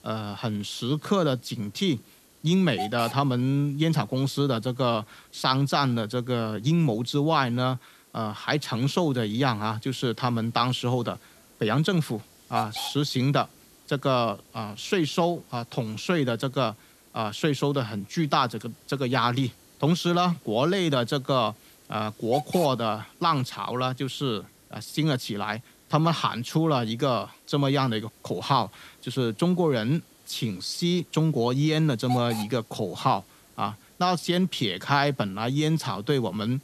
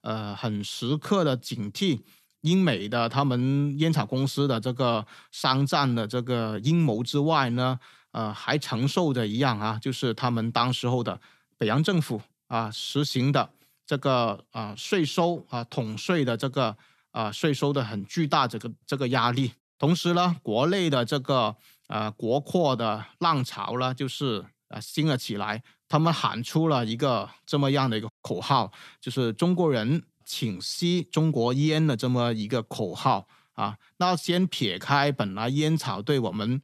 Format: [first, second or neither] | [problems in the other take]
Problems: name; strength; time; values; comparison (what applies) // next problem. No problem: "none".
second | hiss; noticeable; throughout; 20 dB below the speech